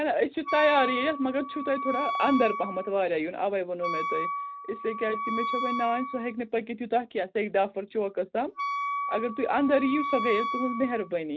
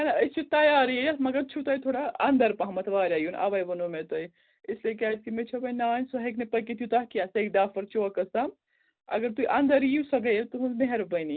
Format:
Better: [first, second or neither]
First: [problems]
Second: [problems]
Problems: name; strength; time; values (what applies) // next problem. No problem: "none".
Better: second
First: background sound (Wind instrument, woodwind instrument); 5 dB below the speech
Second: none